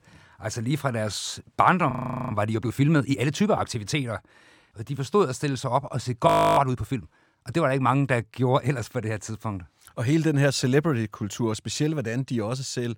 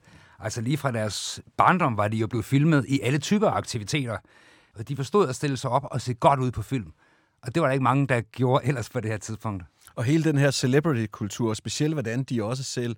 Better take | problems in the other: second | audio freezing; at 2 s and at 6.5 s

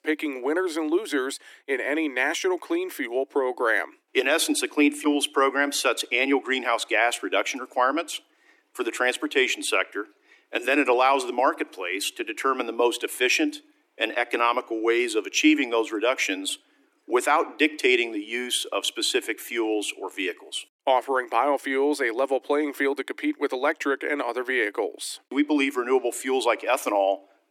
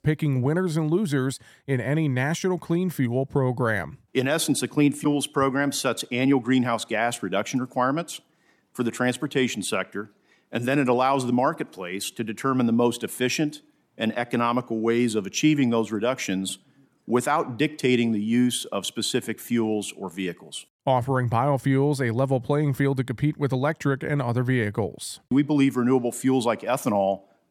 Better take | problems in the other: second | thin; somewhat; fading below 300 Hz

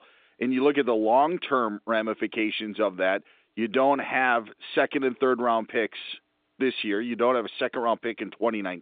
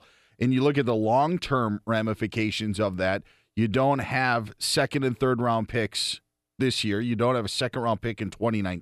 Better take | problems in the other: second | phone-call audio; nothing above 3.5 kHz

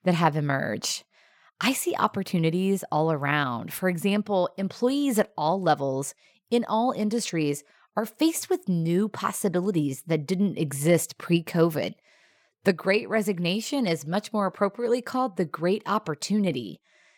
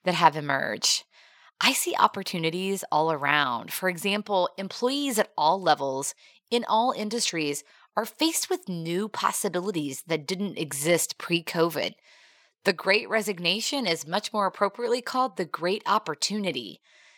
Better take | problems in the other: first | thin; somewhat; fading below 900 Hz

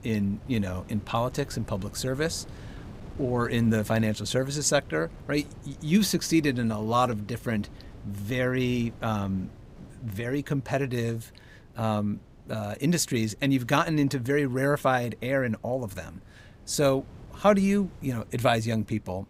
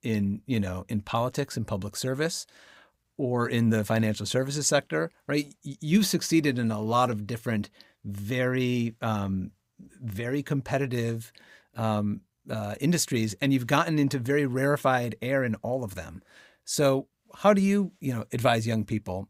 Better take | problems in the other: second | wind noise on the microphone; occasional gusts; 25 dB below the speech

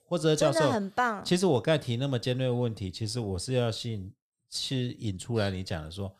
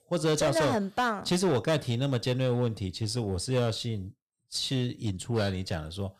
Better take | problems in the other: first | distortion; slight; 7% of the sound clipped

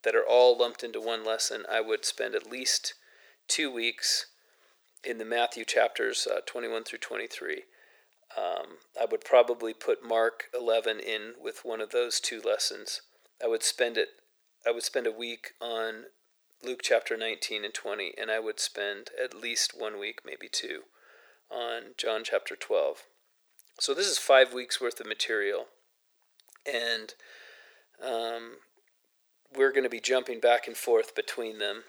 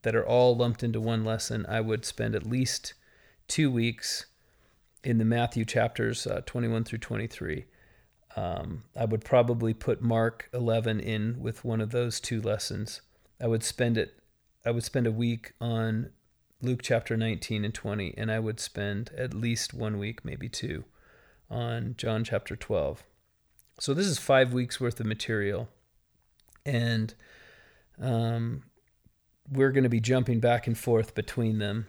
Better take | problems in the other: second | thin; very; fading below 400 Hz

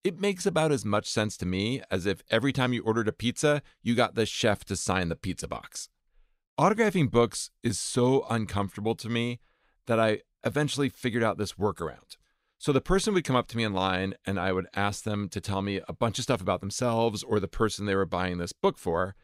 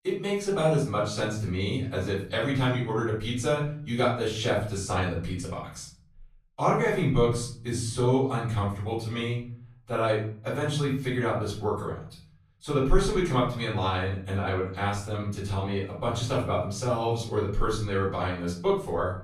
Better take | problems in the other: first | off-mic speech; far // room echo; noticeable; dies away in 0.7 s

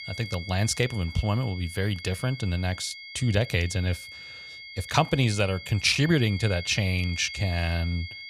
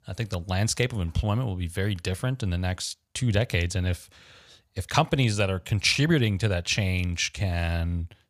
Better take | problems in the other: second | high-pitched whine; noticeable; throughout; 2 kHz, 10 dB below the speech

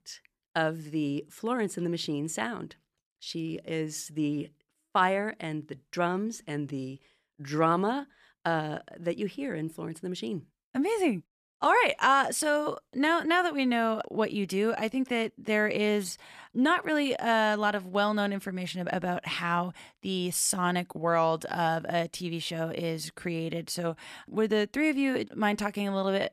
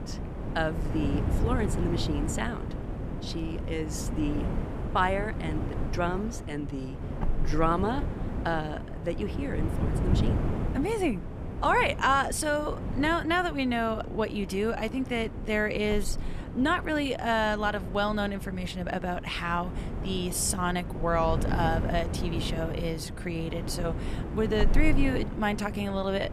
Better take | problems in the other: first | wind noise on the microphone; occasional gusts; 10 dB below the speech

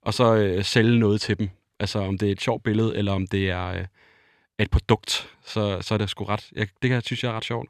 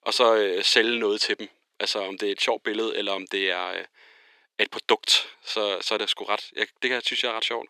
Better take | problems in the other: first | thin; very; fading below 350 Hz

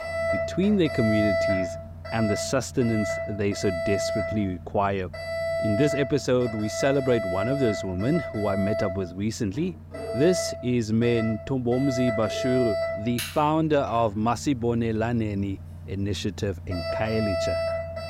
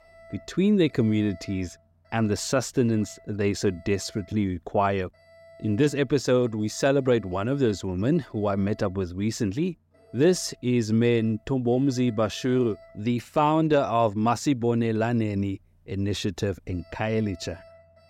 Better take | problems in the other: second | alarms or sirens; loud; throughout; 4 dB below the speech; faint in the second

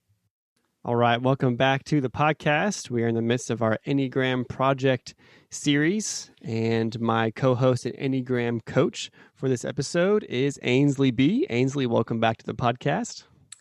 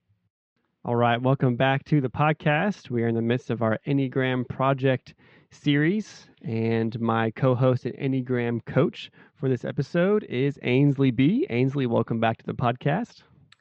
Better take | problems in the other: first | muffled; slightly; fading above 3.5 kHz

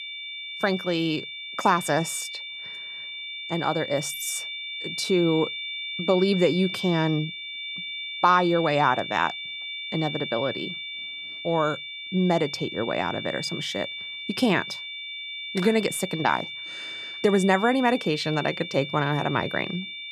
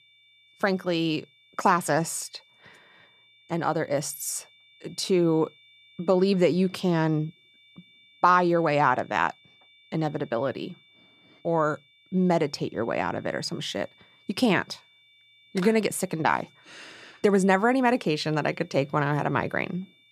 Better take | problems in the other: second | high-pitched whine; loud; throughout; 2.5 kHz, 7 dB below the speech; faint in the second

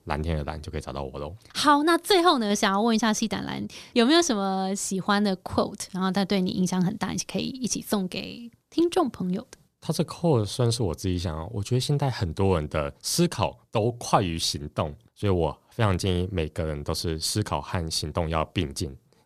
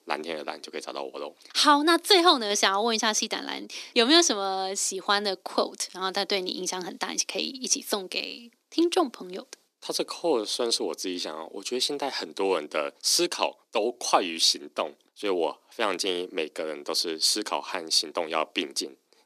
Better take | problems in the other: first | thin; somewhat; fading below 250 Hz

